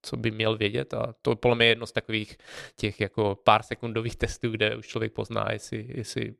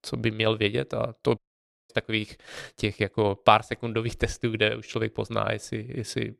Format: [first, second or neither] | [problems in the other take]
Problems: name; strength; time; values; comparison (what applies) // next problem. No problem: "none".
first | audio cutting out; at 1.5 s for 0.5 s